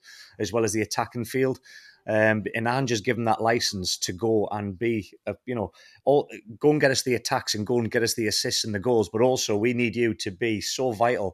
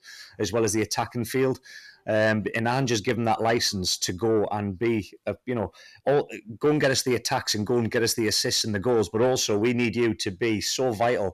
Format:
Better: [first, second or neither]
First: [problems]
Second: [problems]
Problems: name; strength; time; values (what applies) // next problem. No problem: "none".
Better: first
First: none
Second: distortion; slight; 10 dB below the speech